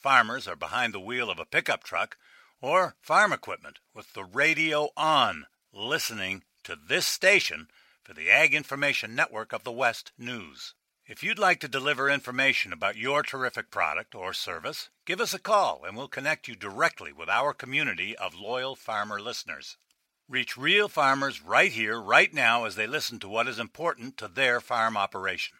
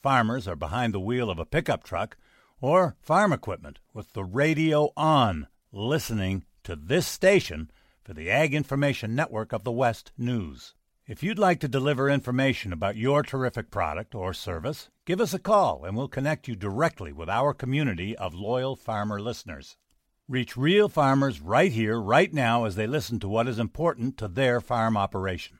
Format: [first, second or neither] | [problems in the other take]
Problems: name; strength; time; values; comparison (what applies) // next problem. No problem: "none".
second | thin; somewhat; fading below 1 kHz